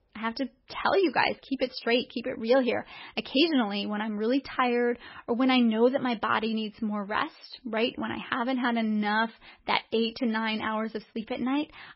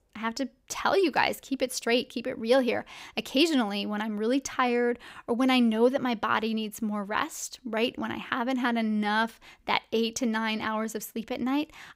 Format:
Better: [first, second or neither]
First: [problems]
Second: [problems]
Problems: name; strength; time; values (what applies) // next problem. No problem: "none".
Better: second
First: garbled, watery; badly; nothing above 5.5 kHz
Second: none